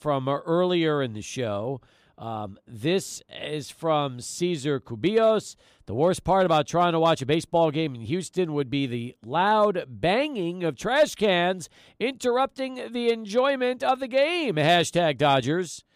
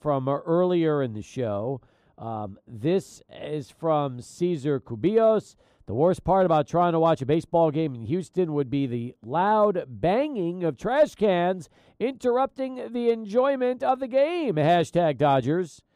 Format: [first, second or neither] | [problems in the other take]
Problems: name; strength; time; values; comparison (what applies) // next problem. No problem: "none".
first | muffled; slightly; fading above 1.5 kHz